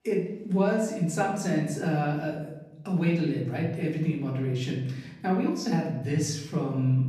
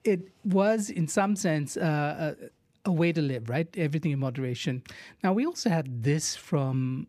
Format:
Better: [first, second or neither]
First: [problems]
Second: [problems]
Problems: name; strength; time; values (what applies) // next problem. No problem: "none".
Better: second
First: off-mic speech; far // room echo; noticeable; dies away in 0.9 s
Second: none